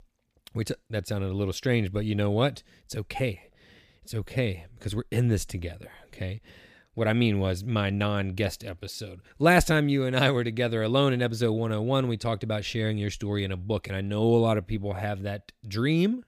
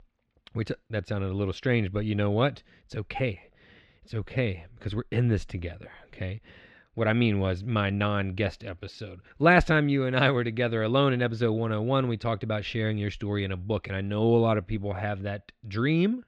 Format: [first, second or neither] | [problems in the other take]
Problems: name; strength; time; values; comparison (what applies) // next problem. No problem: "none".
first | muffled; slightly; fading above 3 kHz